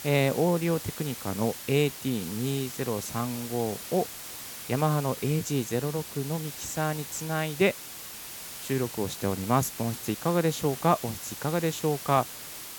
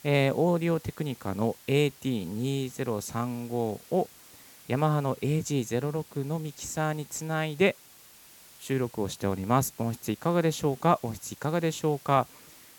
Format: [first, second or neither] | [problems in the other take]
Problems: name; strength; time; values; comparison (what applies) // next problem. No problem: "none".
second | hiss; loud; throughout; 9 dB below the speech; faint in the second